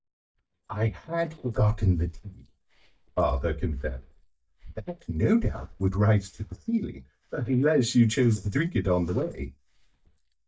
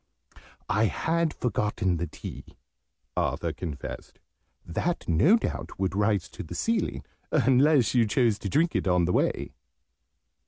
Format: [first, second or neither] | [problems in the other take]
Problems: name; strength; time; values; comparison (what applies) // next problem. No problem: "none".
second | noise reduction (neural mask model DeepFilterNet 3)